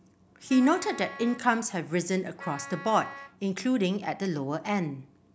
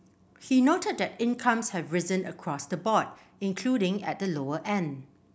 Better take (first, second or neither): second